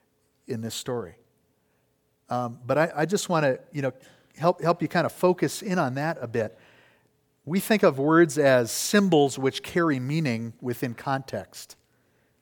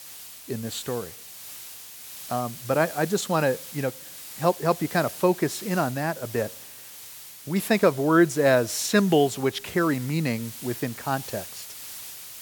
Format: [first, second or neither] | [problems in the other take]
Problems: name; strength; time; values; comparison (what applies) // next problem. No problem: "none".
first | hiss; noticeable; throughout; 15 dB below the speech